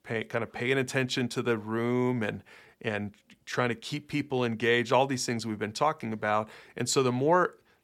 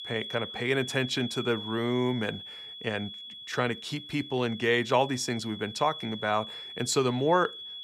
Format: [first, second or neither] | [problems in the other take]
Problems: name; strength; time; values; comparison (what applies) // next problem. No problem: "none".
first | high-pitched whine; noticeable; throughout; 3.5 kHz, 10 dB below the speech